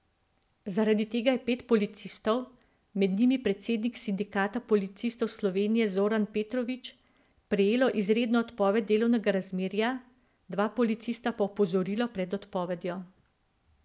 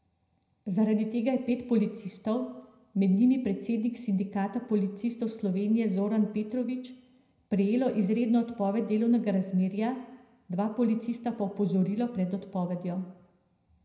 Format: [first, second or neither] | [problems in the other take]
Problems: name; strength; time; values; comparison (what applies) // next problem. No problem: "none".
first | room echo; dies away in 0.7 s